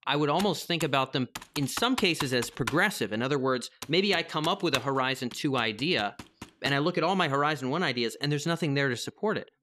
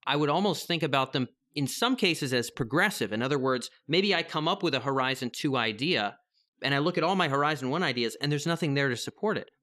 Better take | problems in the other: second | keyboard typing; noticeable; until 6.5 s; peak 7 dB below the speech

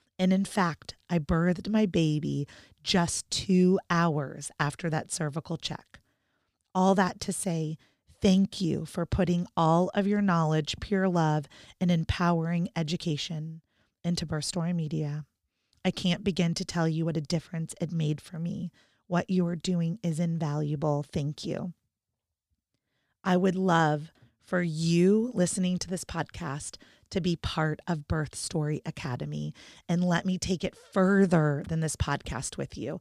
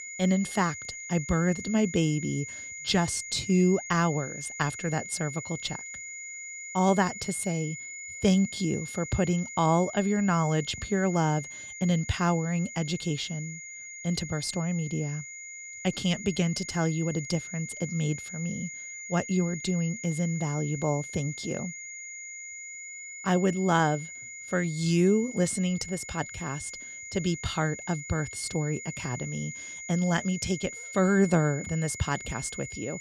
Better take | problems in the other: first | high-pitched whine; loud; throughout; 2 kHz, 10 dB below the speech

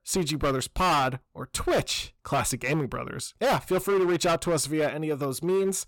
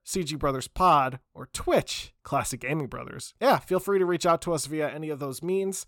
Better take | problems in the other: second | distortion; heavy; 12% of the sound clipped

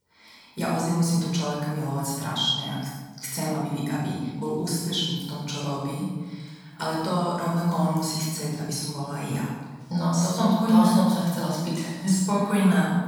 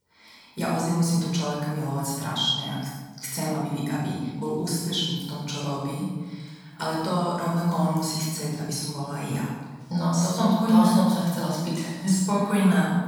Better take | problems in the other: neither | off-mic speech; far; the same in both // room echo; strong; dies away in 1.2 s; the same in both

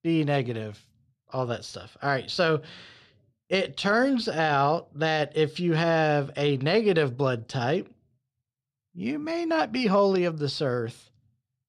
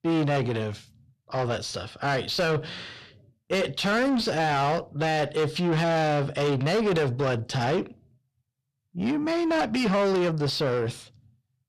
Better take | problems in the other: first | distortion; heavy; 7 dB below the speech

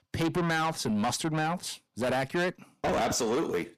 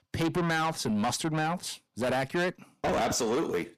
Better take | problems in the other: neither | distortion; heavy; 6 dB below the speech; the same in both

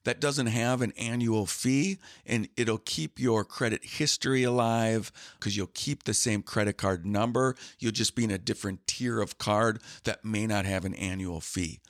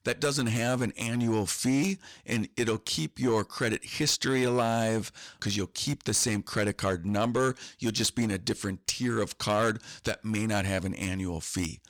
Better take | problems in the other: first | distortion; slight; 5% of the sound clipped

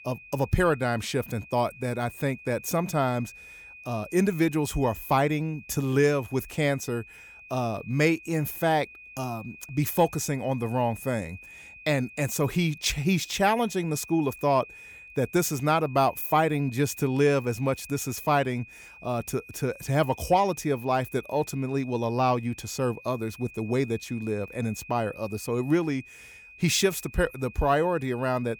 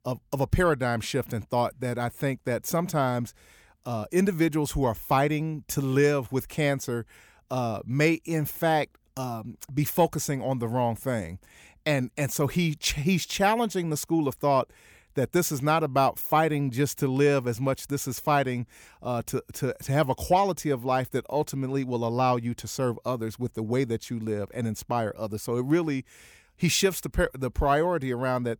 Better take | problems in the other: second | high-pitched whine; noticeable; throughout; 2.5 kHz, 20 dB below the speech

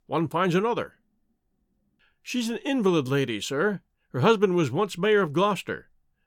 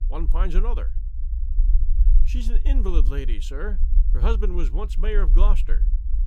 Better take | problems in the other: first | low rumble; noticeable; throughout; 15 dB below the speech

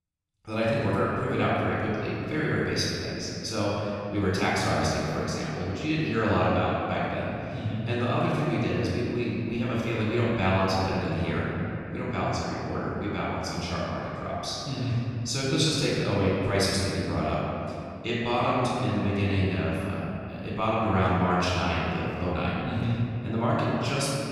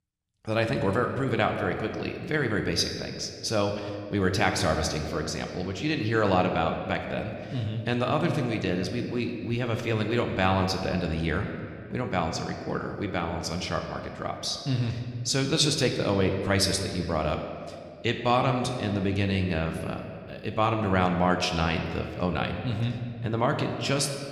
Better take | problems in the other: second | room echo; strong; dies away in 2.7 s; slight in the second // off-mic speech; far

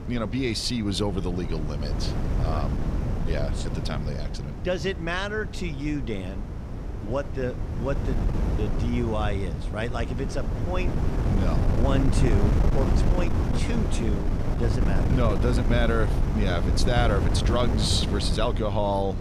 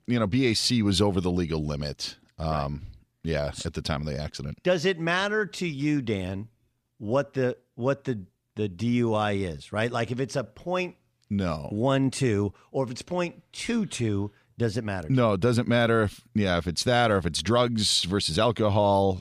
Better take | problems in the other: second | wind noise on the microphone; heavy; 5 dB below the speech

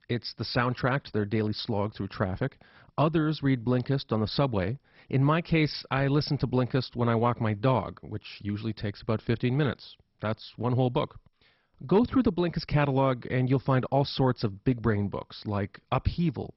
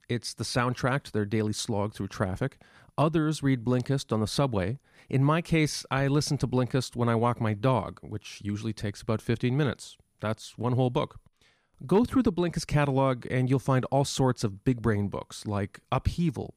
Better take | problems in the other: second | garbled, watery; badly; nothing above 5.5 kHz

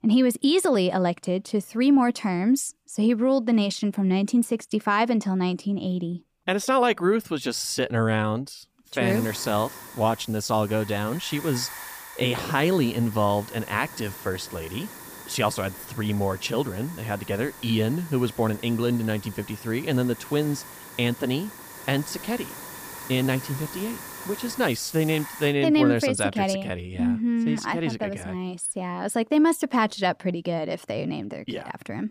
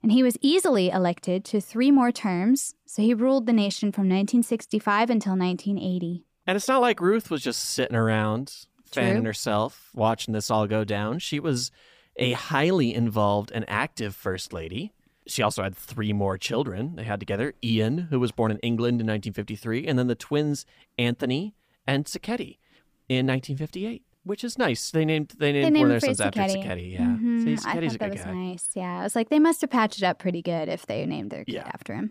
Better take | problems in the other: second | hiss; noticeable; from 9 to 26 s; 15 dB below the speech

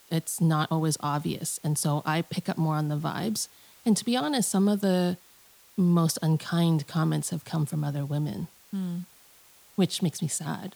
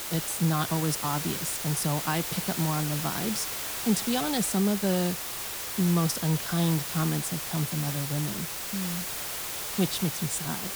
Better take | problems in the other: first | hiss; loud; throughout; 2 dB below the speech; faint in the first

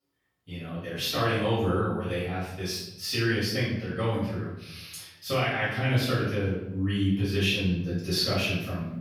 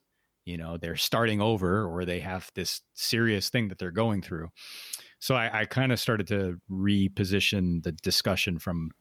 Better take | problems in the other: second | off-mic speech; far // room echo; noticeable; dies away in 0.8 s

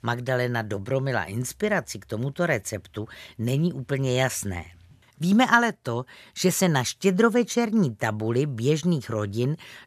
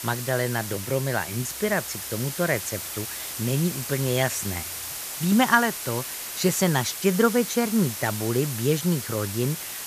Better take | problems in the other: first | hiss; loud; throughout; 6 dB below the speech

